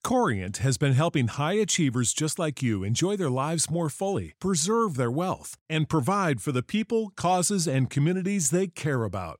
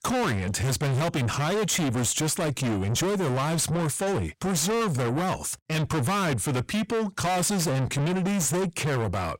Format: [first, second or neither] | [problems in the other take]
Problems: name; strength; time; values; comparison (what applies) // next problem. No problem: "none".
first | distortion; heavy; 5 dB below the speech